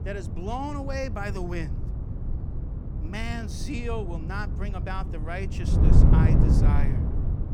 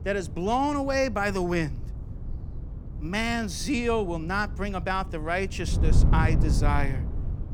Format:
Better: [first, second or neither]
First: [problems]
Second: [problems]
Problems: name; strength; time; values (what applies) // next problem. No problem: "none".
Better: second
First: wind noise on the microphone; heavy; 3 dB below the speech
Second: wind noise on the microphone; occasional gusts; 15 dB below the speech